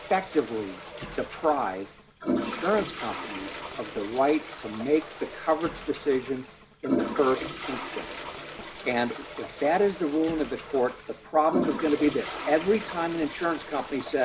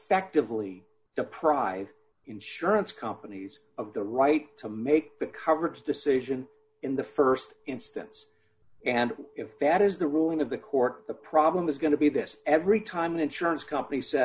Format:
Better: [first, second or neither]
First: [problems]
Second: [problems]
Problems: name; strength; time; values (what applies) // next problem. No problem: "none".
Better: second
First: background sound (Toilet flush); 8 dB below the speech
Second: none